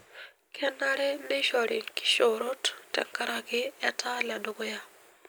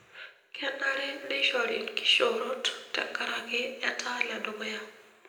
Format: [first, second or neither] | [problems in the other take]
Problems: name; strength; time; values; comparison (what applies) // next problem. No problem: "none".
first | room echo; dies away in 0.8 s